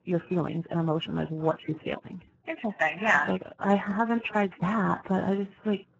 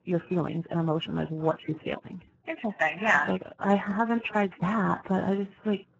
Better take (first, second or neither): neither